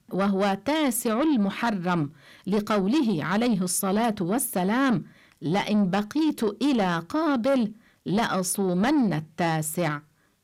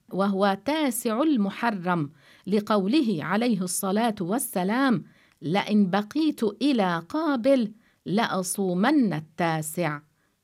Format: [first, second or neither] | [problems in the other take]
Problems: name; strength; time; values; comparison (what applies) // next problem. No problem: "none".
second | distortion; slight; 10 dB below the speech